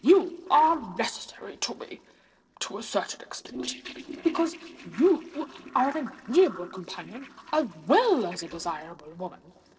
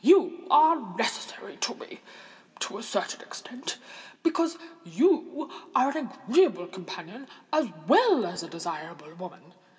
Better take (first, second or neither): second